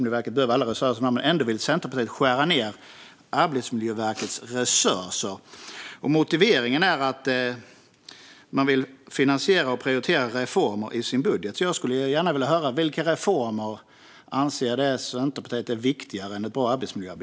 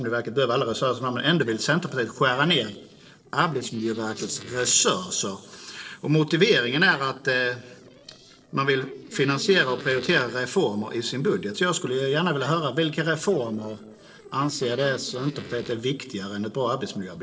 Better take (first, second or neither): first